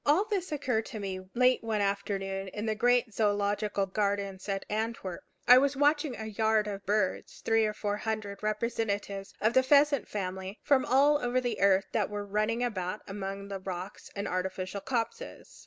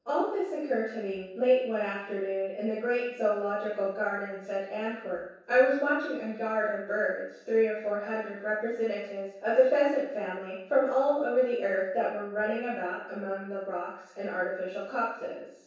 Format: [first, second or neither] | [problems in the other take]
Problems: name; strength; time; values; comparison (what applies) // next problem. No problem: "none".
first | room echo; dies away in 0.7 s